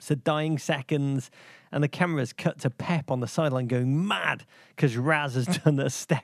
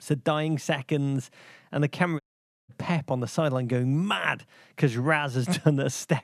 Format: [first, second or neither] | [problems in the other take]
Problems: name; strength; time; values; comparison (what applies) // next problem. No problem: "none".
first | audio cutting out; at 2 s